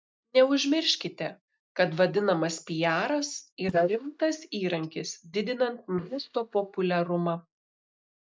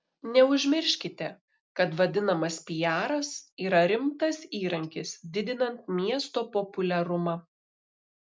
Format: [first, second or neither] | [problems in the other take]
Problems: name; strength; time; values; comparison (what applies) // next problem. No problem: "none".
second | noise reduction (neural mask model DeepFilterNet 3)